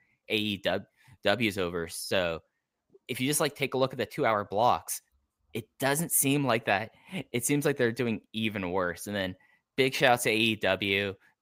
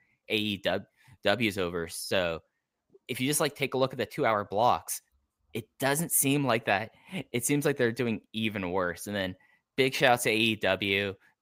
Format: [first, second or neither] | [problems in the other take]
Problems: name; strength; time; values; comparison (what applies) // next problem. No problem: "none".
neither | none